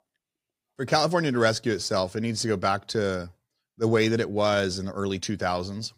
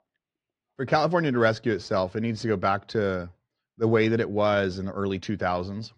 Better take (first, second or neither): first